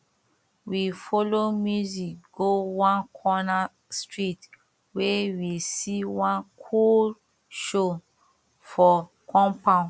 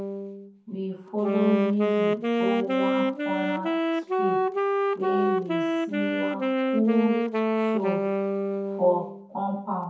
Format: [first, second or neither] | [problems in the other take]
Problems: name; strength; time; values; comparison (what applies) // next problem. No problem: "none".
first | background sound (Wind instrument, woodwind instrument); 3 dB above the speech // room echo; dies away in 0.6 s